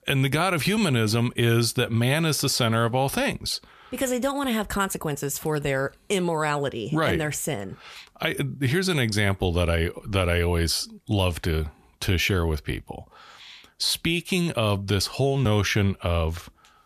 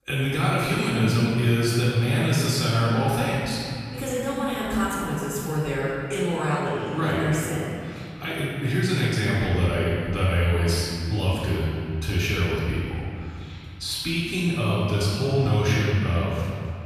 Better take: first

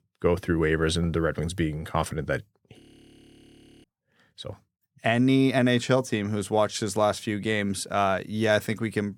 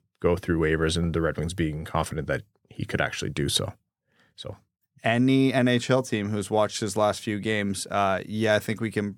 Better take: second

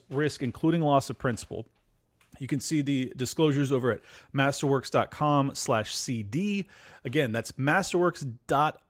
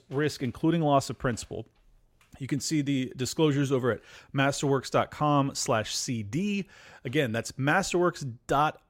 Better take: second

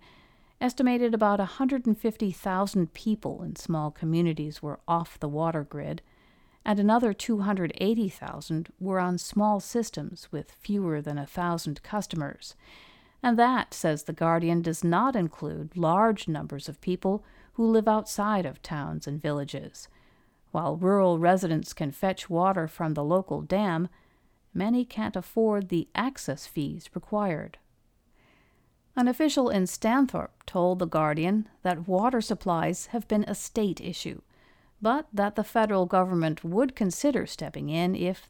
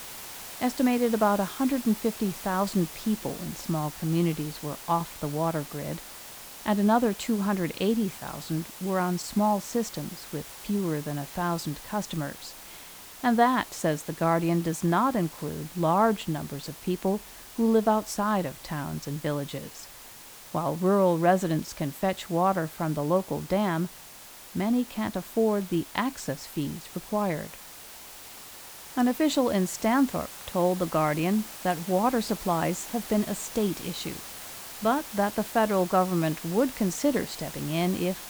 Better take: first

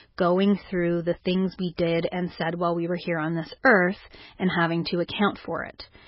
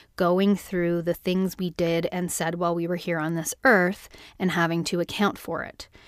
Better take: second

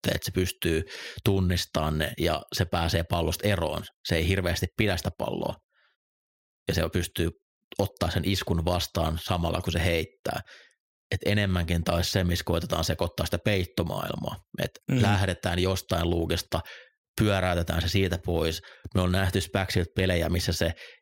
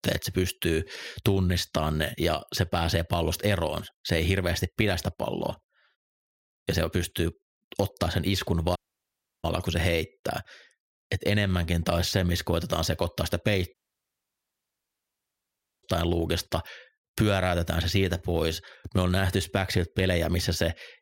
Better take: first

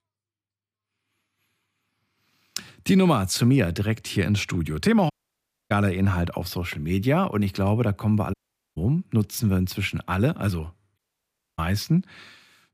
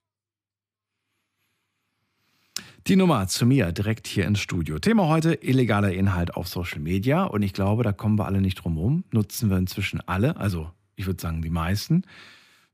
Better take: second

